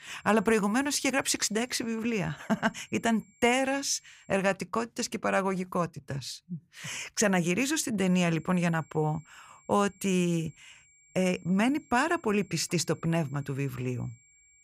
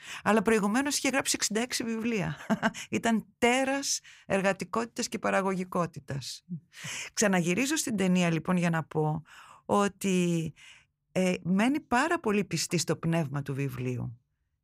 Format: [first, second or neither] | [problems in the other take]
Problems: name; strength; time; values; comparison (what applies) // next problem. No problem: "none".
second | high-pitched whine; faint; until 4.5 s and from 8 s on; 2.5 kHz, 30 dB below the speech